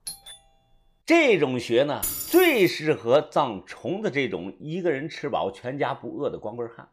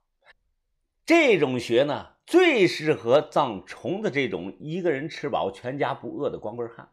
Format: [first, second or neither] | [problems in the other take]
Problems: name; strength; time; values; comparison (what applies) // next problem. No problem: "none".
second | doorbell; faint; at the start; peak 15 dB below the speech // jangling keys; noticeable; at 2 s; peak 3 dB below the speech